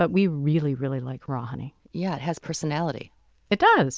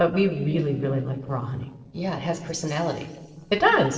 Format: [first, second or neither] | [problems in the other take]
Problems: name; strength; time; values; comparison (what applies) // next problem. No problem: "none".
first | noise reduction (neural separator model SepFormer DNS4)